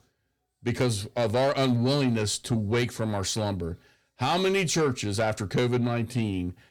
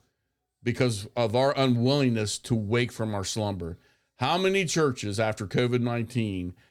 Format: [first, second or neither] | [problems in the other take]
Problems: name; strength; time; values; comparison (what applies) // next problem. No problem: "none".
second | distortion; slight; 10 dB below the speech